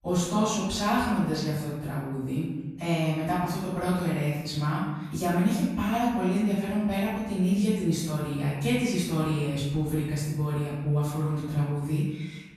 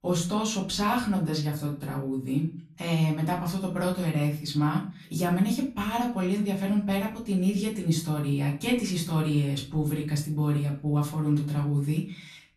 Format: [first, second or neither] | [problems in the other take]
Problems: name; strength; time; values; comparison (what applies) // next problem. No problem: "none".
second | room echo; strong; dies away in 1 s; slight in the second // off-mic speech; far; far in the second